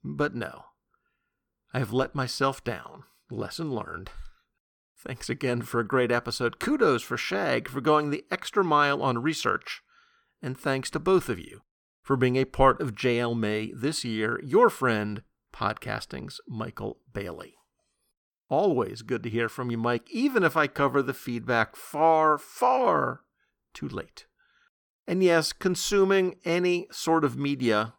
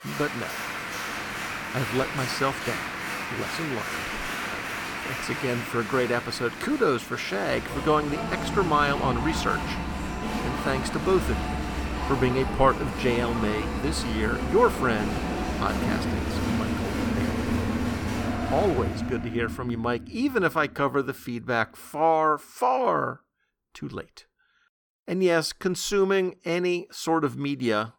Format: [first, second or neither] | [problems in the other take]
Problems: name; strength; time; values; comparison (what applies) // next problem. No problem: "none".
first | crowd noise; loud; until 19 s; 4 dB below the speech